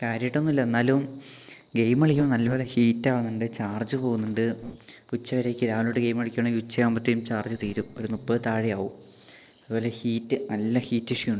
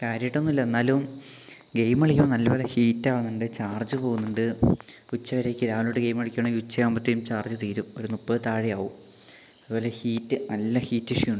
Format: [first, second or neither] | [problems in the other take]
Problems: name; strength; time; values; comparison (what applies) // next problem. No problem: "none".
second | noise reduction (neural separator model SepFormer DNS4)